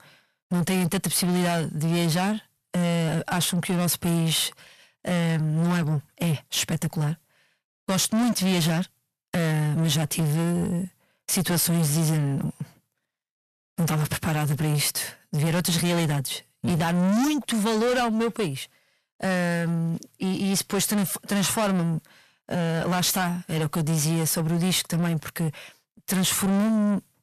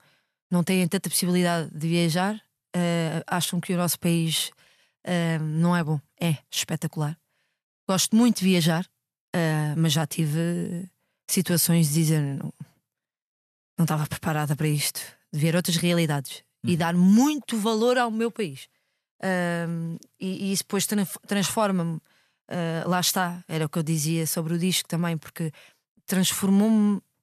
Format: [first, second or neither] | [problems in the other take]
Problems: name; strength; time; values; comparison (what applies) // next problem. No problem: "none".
second | distortion; heavy; 7 dB below the speech